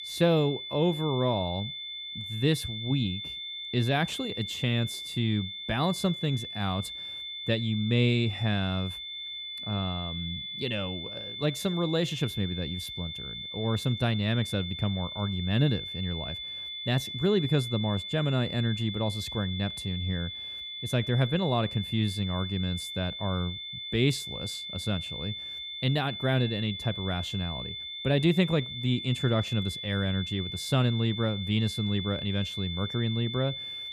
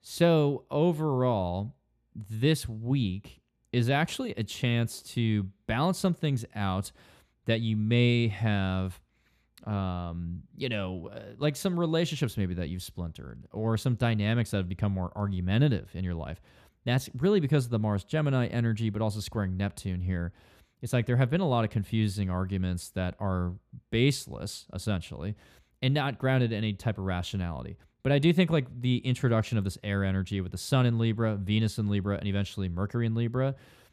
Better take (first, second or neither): second